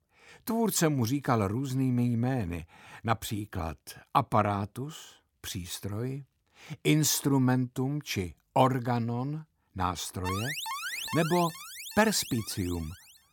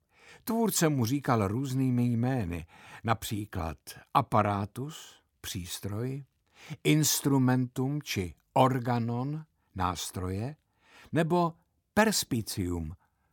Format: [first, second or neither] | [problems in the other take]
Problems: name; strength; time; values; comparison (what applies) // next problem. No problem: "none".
second | alarm; noticeable; from 10 s on; peak 4 dB below the speech